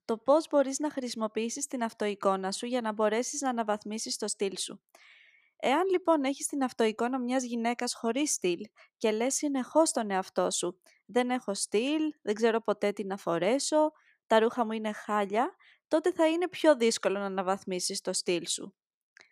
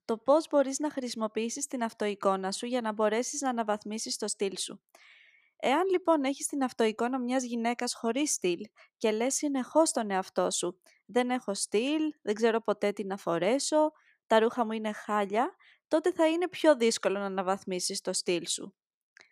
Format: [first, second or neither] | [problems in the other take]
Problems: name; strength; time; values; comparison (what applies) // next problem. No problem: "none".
neither | none